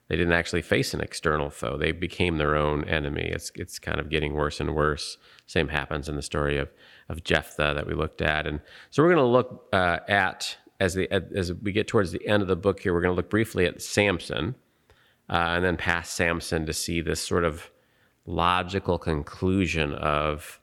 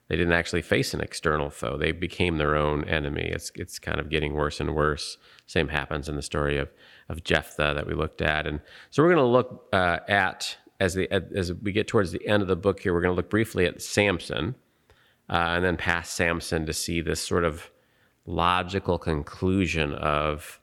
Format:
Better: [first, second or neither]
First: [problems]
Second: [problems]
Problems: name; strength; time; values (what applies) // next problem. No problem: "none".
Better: neither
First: none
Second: none